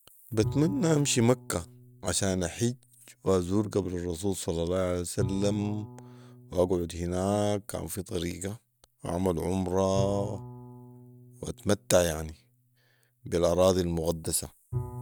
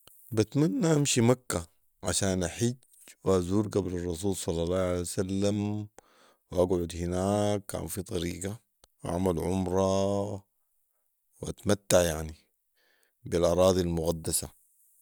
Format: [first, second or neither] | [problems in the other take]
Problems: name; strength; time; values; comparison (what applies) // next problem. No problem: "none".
second | background sound (Bowed string instrument); 14 dB below the speech